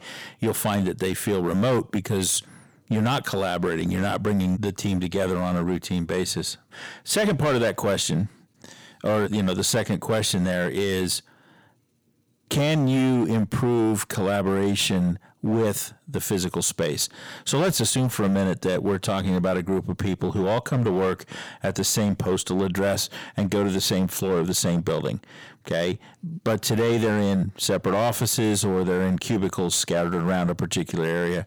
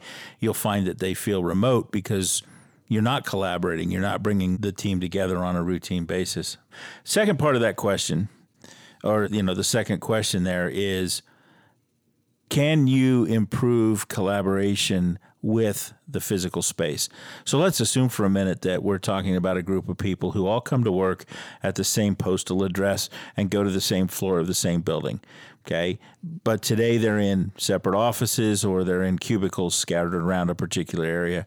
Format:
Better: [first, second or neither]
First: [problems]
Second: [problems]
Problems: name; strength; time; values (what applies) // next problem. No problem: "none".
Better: second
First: distortion; slight; 10% of the sound clipped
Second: none